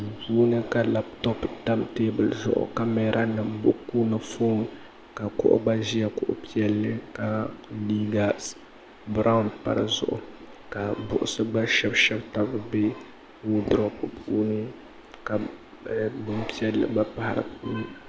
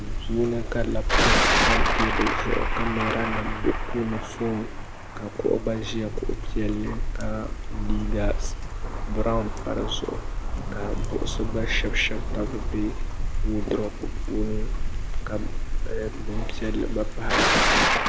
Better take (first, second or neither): first